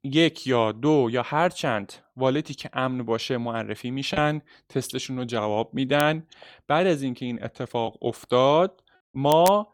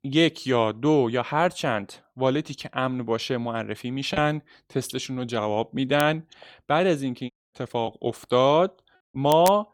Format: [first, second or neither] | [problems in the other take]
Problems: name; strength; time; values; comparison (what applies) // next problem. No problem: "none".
first | audio cutting out; at 7.5 s